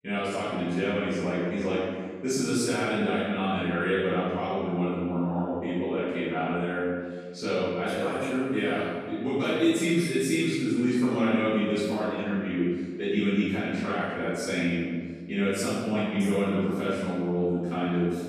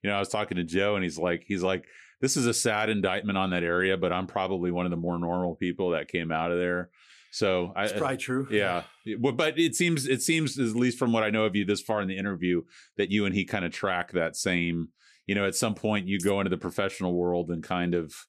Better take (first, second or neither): second